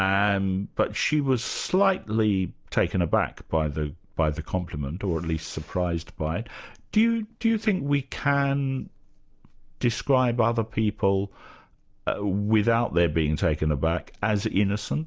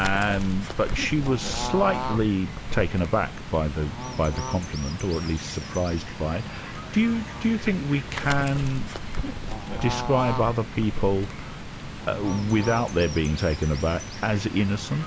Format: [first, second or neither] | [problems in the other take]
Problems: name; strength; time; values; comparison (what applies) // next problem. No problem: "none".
first | background sound (Bird / Fowl); 6 dB below the speech